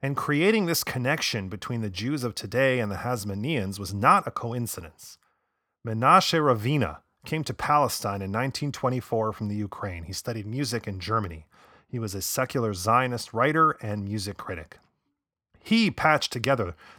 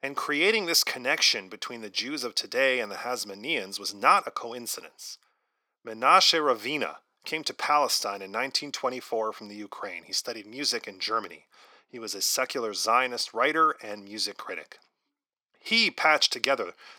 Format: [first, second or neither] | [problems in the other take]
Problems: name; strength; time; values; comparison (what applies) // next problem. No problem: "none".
first | thin; somewhat; fading below 300 Hz